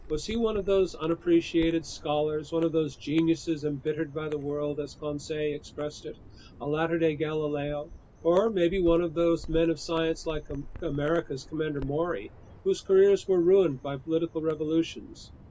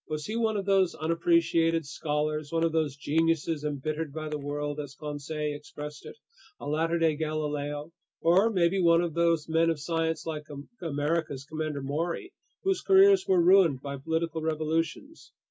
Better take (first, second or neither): second